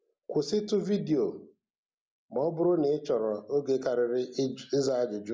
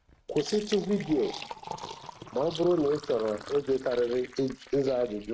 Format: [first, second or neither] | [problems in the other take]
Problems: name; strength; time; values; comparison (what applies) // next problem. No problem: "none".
first | noise reduction (neural mask model RNNoise)